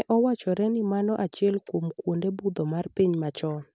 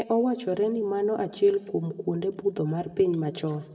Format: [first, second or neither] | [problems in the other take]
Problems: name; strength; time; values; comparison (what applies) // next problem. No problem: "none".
first | room echo; dies away in 0.8 s